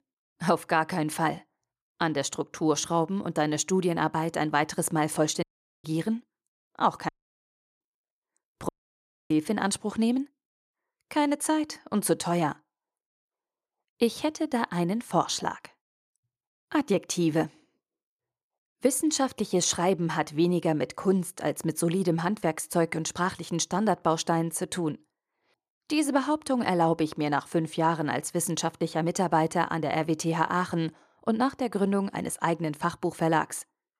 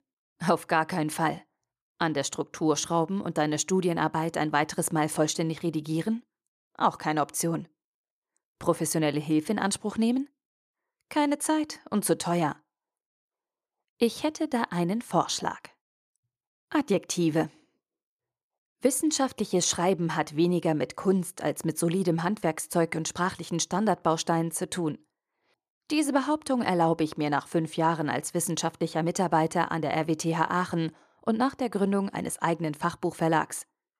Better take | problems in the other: second | audio cutting out; at 5.5 s, at 7 s for 0.5 s and at 8.5 s for 0.5 s

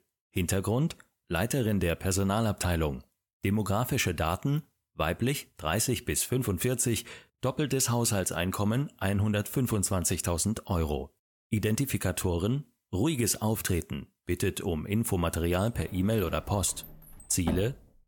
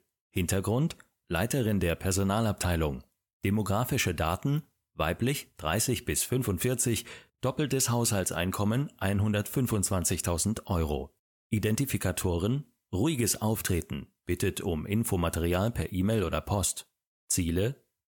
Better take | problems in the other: second | door banging; noticeable; from 16 s on; peak 8 dB below the speech

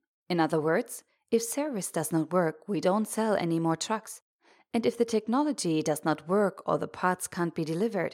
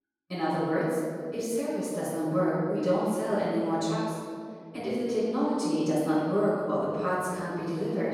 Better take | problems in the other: first | off-mic speech; far // room echo; strong; dies away in 2.2 s

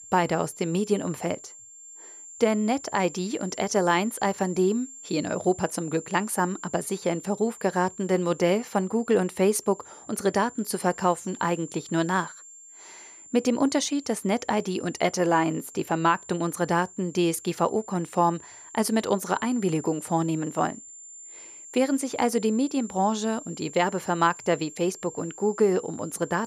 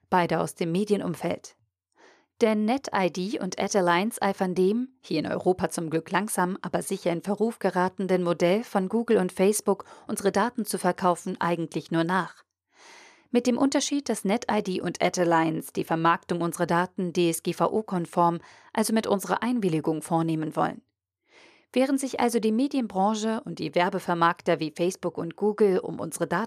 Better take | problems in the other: second | high-pitched whine; noticeable; throughout; 7.5 kHz, 15 dB below the speech

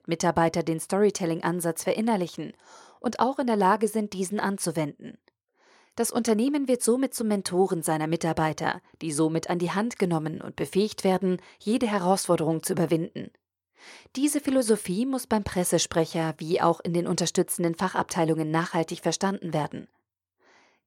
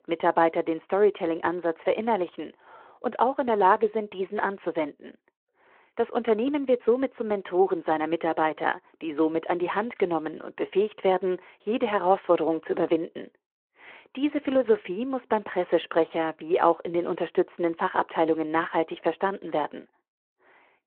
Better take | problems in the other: first | phone-call audio

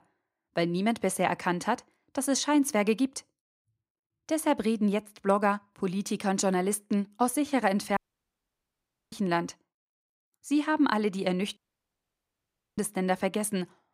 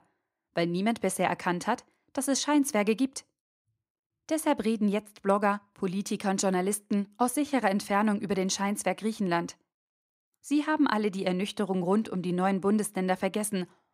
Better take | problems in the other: second | audio cutting out; at 8 s for 1 s and at 12 s for 1 s

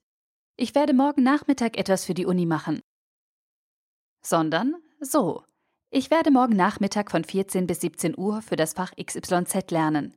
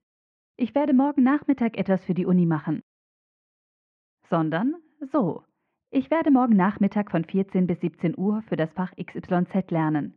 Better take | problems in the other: first | muffled; very; fading above 2.5 kHz

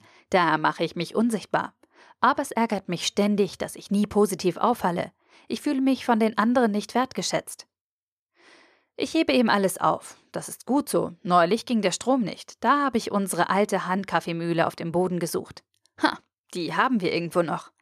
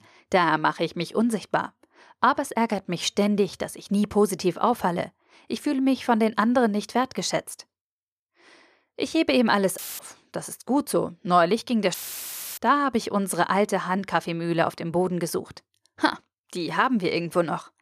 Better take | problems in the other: first | audio cutting out; filled with static; at 10 s and at 12 s for 0.5 s

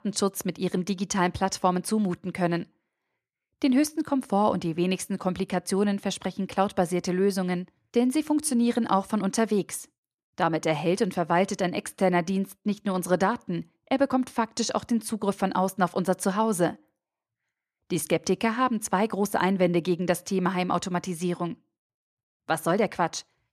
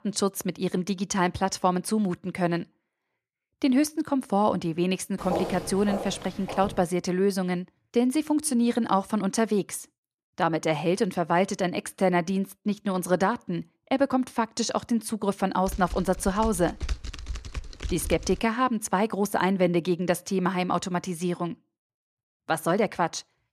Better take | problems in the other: first | footsteps; noticeable; from 5 to 7 s; peak 4 dB below the speech // keyboard typing; noticeable; from 16 to 18 s; peak 8 dB below the speech

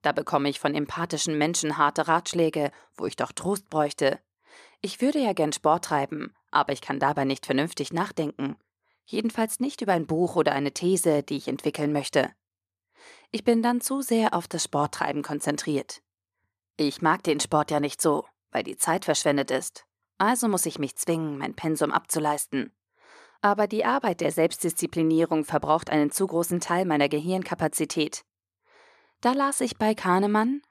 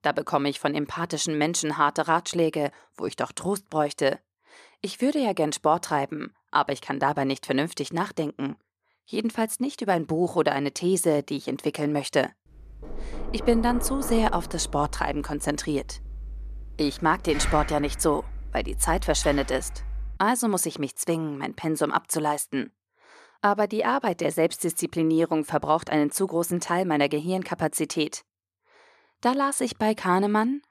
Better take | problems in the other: first | door banging; noticeable; from 13 to 20 s; peak 5 dB below the speech

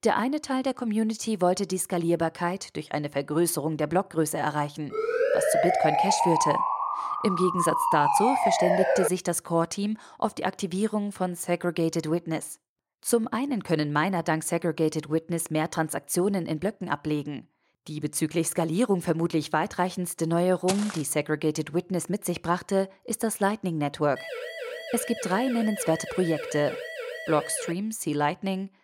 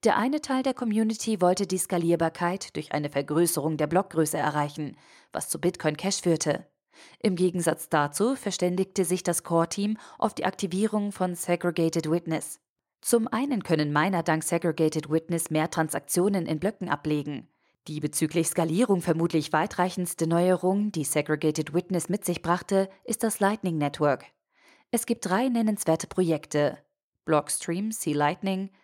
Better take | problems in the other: second | siren; loud; from 5 to 9 s; peak 4 dB above the speech // footsteps; noticeable; at 21 s; peak 6 dB below the speech // siren; noticeable; from 24 to 28 s; peak 7 dB below the speech

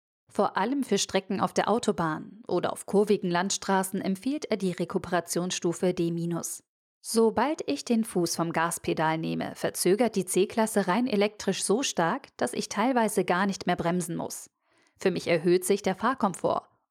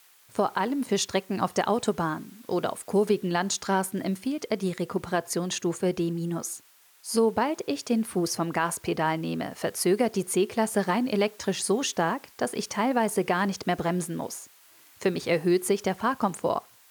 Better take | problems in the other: first | hiss; faint; throughout; 25 dB below the speech

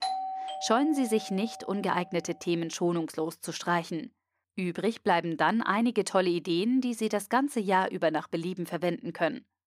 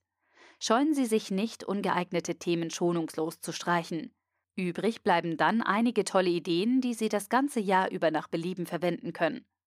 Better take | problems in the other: second | doorbell; noticeable; until 2 s; peak 3 dB below the speech

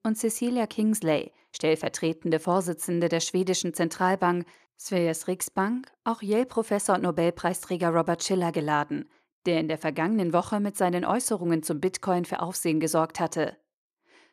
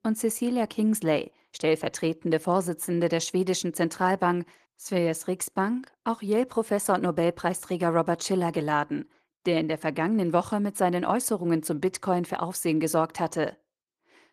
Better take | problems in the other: first | garbled, watery; slightly; nothing above 14.5 kHz

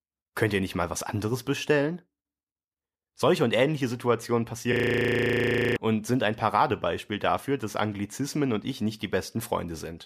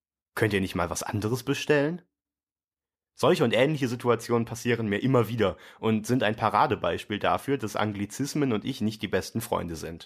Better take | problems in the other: second | audio freezing; at 4.5 s for 1 s

